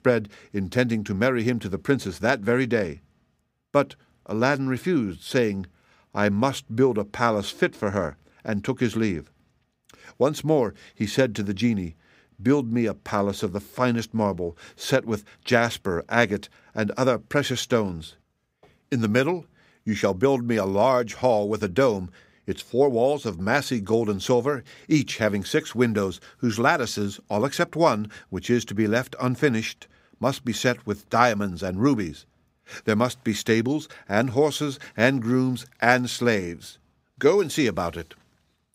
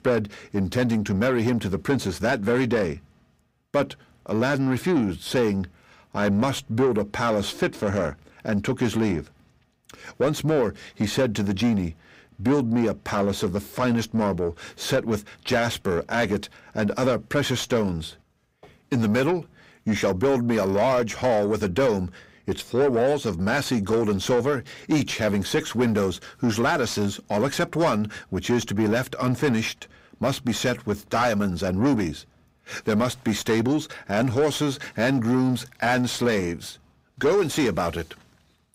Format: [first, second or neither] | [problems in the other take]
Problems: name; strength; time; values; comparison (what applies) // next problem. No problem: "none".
first | distortion; heavy; 8 dB below the speech